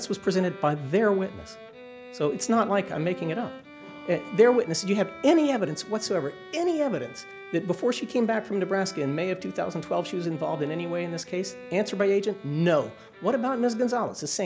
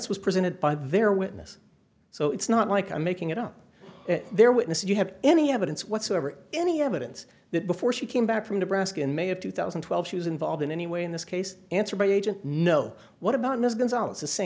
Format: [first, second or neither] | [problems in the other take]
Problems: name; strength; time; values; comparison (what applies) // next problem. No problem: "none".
second | background sound (Bowed string instrument); 17 dB below the speech